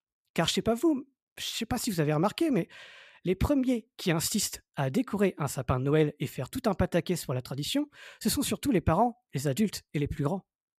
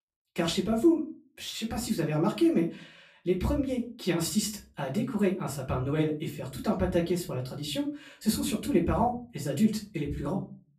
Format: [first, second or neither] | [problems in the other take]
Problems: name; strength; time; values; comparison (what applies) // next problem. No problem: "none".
first | off-mic speech; far // room echo; very slight; dies away in 0.3 s